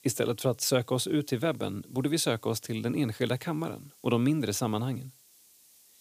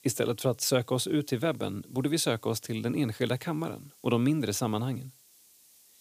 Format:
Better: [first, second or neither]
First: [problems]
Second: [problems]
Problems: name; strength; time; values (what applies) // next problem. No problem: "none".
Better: neither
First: hiss; faint; throughout; 25 dB below the speech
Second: hiss; faint; throughout; 25 dB below the speech